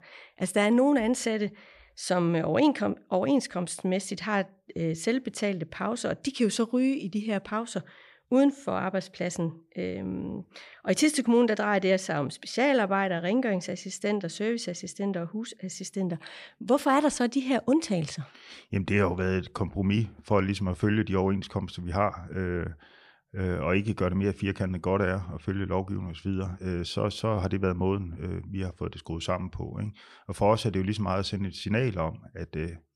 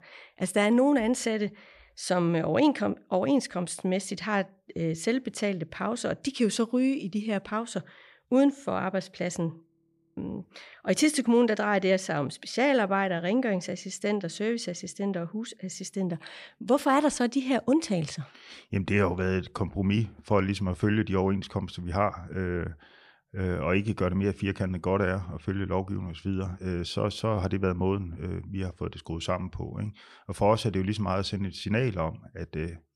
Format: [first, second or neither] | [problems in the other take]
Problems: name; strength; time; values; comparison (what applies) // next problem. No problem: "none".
first | audio freezing; at 9.5 s for 0.5 s